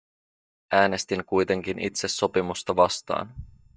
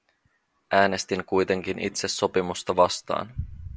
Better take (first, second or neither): second